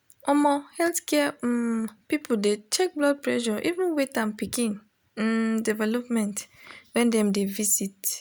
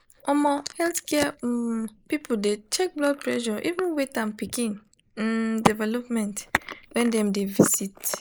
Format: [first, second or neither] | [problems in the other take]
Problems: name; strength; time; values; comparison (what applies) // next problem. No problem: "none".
first | noise reduction (neural mask model Resemble Enhance denoiser)